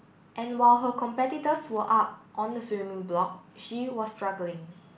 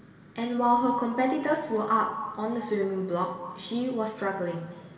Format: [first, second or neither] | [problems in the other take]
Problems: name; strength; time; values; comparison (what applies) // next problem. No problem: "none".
first | room echo; dies away in 2.2 s